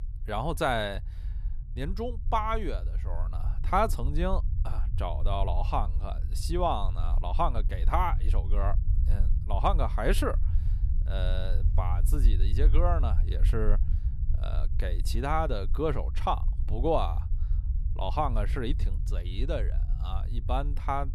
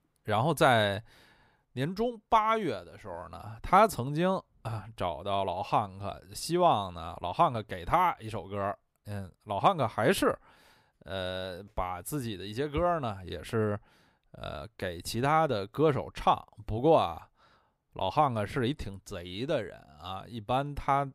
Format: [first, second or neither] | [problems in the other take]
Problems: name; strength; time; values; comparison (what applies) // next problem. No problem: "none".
second | low rumble; noticeable; throughout; 20 dB below the speech